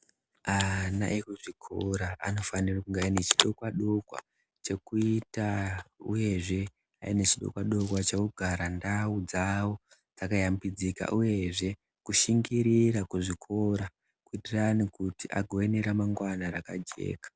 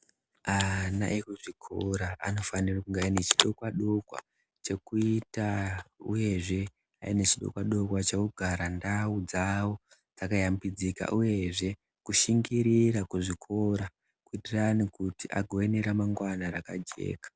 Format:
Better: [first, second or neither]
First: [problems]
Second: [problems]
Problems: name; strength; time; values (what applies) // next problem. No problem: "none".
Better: second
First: background sound (Coin (dropping)); 19 dB below the speech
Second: none